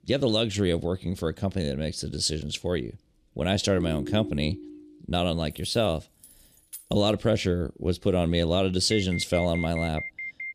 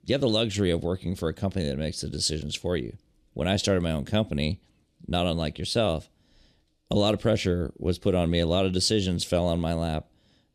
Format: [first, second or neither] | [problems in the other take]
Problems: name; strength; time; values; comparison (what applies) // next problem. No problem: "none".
second | phone ringing; noticeable; from 4 to 5 s; peak 7 dB below the speech // jangling keys; faint; from 5.5 to 7 s; peak 15 dB below the speech // alarm; noticeable; from 9 s on; peak 8 dB below the speech